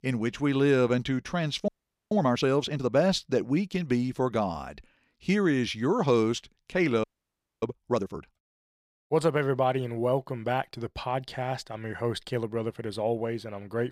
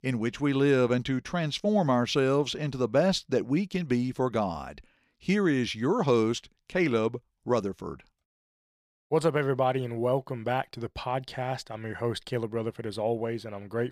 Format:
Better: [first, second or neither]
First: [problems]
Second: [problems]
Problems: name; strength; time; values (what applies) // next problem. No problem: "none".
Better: second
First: audio freezing; at 1.5 s and at 7 s for 0.5 s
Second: none